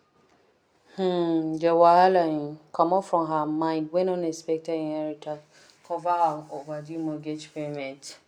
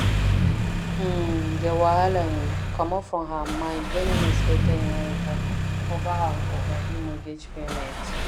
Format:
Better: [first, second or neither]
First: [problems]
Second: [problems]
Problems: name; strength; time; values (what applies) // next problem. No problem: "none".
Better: first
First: none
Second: background sound (Engine starting); 4 dB above the speech